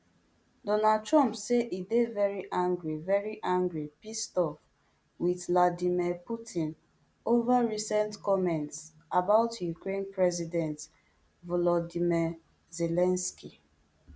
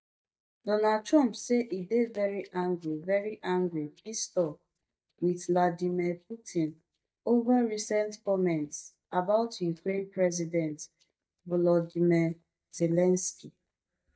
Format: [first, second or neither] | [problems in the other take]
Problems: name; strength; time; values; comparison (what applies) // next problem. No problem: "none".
first | noise reduction (neural mask model DeepFilterNet 3)